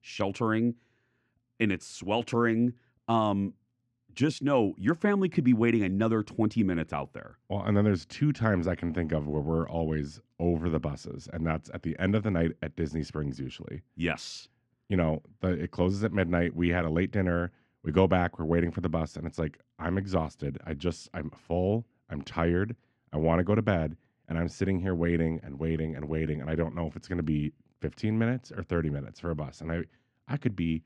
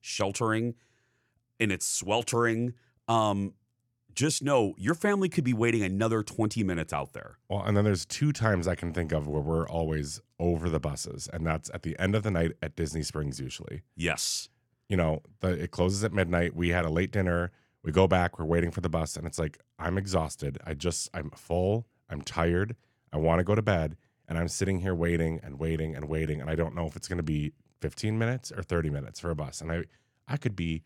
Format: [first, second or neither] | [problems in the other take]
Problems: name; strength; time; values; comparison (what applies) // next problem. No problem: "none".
second | muffled; slightly; fading above 3.5 kHz